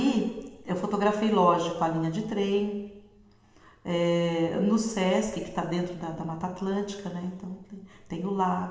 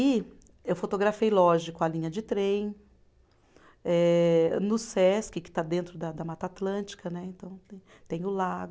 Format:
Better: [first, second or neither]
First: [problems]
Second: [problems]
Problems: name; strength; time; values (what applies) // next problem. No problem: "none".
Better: second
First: room echo; dies away in 1.1 s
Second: none